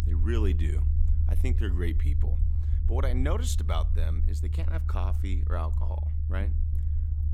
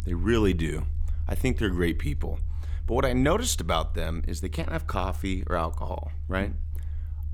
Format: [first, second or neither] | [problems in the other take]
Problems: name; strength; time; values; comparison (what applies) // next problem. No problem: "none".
second | low rumble; loud; throughout; 7 dB below the speech; faint in the second